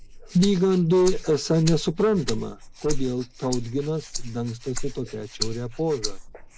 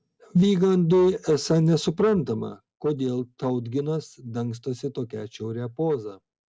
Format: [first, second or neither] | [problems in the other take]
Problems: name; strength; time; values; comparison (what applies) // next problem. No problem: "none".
second | noise reduction (neural mask model Resemble Enhance denoiser)